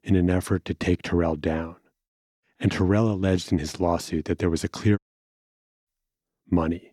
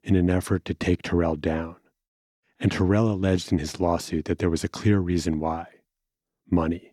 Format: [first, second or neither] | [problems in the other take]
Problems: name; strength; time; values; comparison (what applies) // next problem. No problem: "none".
second | audio cutting out; at 5 s for 1 s